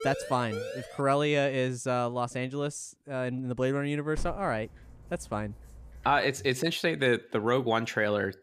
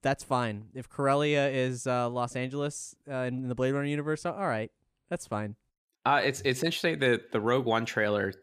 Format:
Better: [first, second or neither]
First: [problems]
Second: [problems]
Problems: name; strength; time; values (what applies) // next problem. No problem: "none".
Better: second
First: siren; noticeable; until 1 s; peak 8 dB below the speech // dog barking; faint; from 4 to 6 s; peak 15 dB below the speech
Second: none